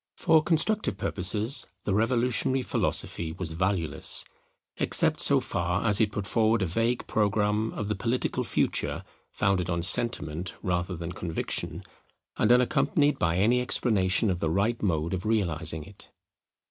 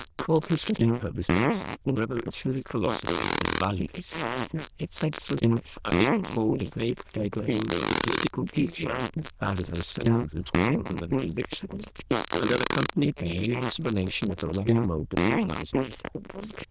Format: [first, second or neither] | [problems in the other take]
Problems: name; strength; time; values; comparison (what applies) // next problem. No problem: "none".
first | noise reduction (neural diffusion model UNIVERSE++)